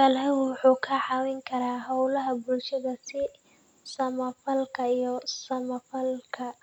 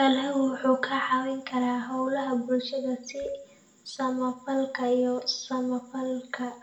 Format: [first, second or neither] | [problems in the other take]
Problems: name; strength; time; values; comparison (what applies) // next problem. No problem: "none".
first | room echo; dies away in 0.4 s